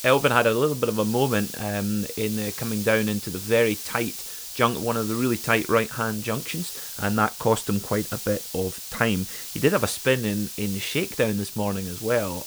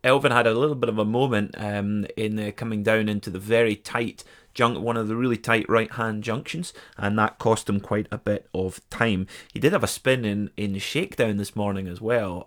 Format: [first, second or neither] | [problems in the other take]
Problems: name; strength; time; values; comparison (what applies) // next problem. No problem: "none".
second | hiss; loud; throughout; 8 dB below the speech